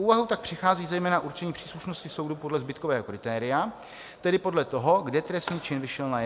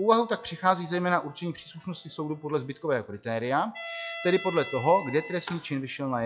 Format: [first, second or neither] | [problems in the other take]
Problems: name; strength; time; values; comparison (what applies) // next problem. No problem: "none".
first | noise reduction (classical method log-MMSE)